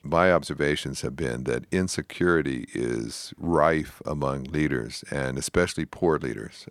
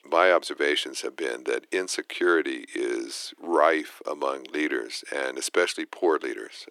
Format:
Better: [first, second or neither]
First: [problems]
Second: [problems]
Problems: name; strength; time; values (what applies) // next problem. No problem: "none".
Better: first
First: none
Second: thin; somewhat; fading below 300 Hz